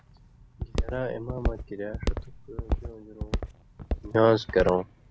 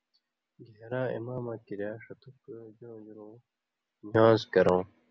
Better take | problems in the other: second | background sound (Walk, footsteps); 4 dB below the speech

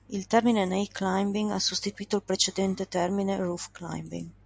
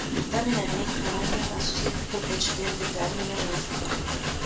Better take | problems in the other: first | background sound (Train); 4 dB above the speech // room echo; dies away in 0.3 s

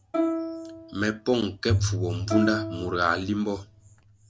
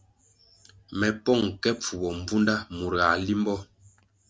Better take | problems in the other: second | background sound (Bowed string instrument + Plucked string instrument); 1 dB below the speech

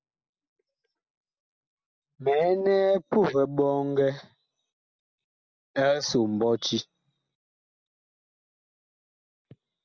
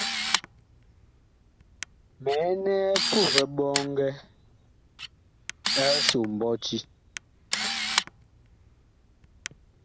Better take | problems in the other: first | background sound (Camera); 1 dB below the speech

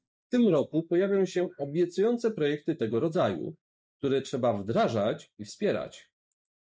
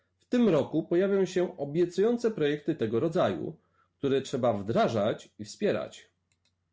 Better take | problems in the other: second | noise reduction (neural mask model Resemble Enhance denoiser)

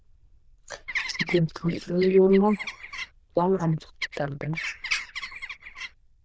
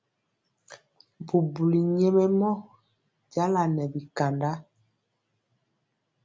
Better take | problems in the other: second | noise reduction (neural diffusion model UNIVERSE++)

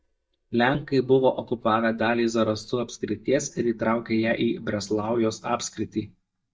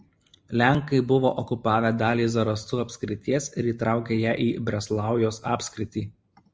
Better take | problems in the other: second | noise reduction (neural mask model DeepFilterNet 3)

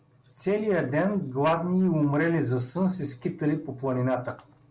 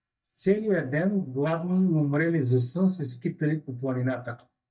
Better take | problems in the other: first | noise reduction (neural mask model DeepFilterNet 3)

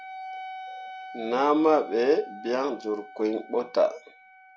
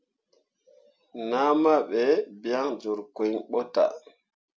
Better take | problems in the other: second | background sound (Wind instrument, woodwind instrument); 15 dB below the speech

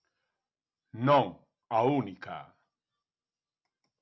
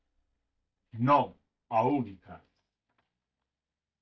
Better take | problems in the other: first | noise reduction (neural mask model DeepFilterNet 3)

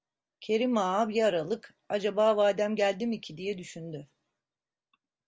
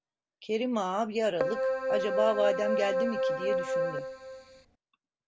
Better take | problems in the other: first | background sound (Keyboard (musical)); 2 dB above the speech

